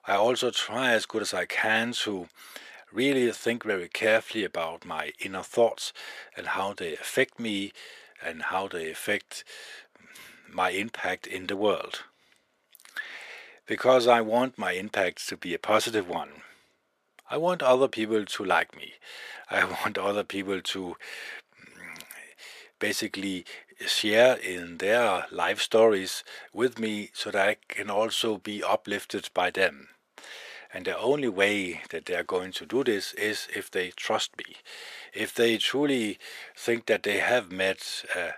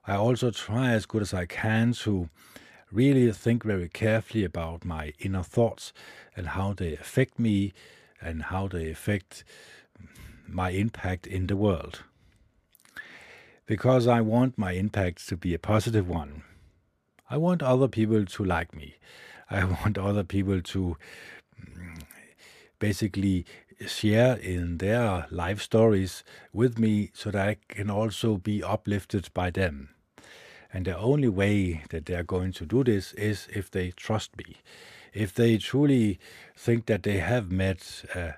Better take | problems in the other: second | thin; somewhat; fading below 500 Hz

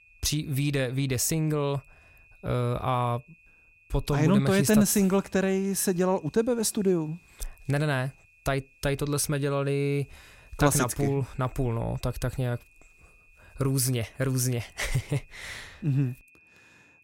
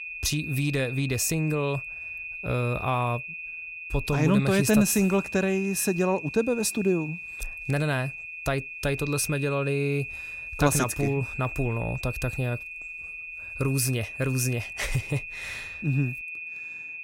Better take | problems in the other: first | high-pitched whine; loud; throughout; 2.5 kHz, 8 dB below the speech; faint in the first

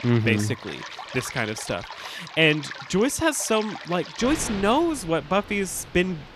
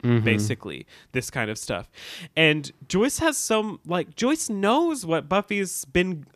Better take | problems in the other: second | rain or running water; noticeable; throughout; 15 dB below the speech

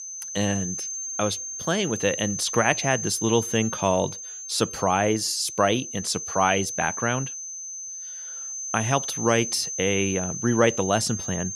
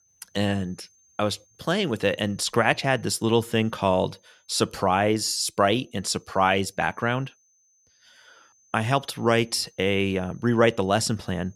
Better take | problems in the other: second | high-pitched whine; loud; throughout; 6 kHz, 6 dB below the speech; faint in the second

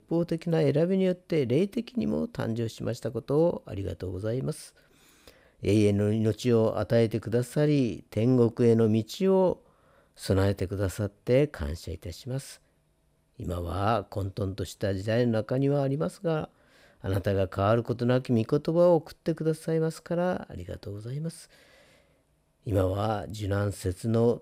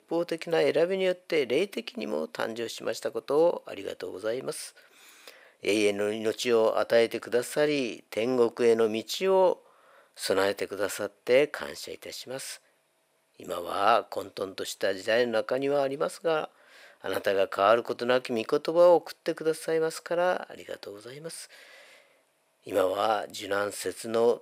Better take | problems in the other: first | thin; somewhat; fading below 500 Hz

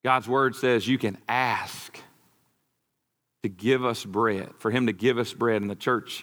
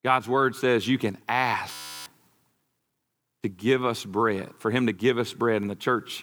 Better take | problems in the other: first | audio freezing; at 1.5 s

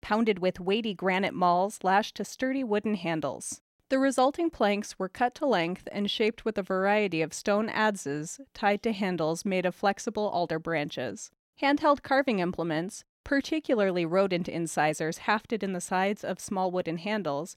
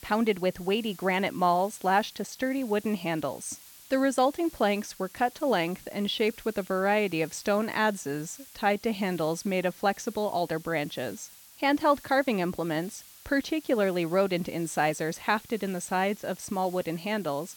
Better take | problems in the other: first | hiss; noticeable; throughout; 20 dB below the speech

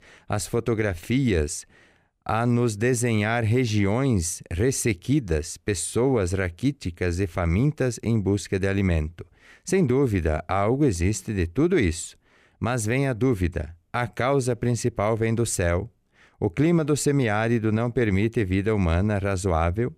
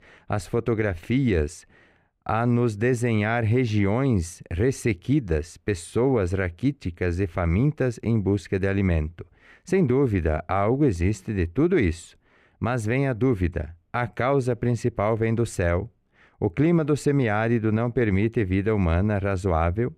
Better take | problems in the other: first | muffled; slightly; fading above 4 kHz

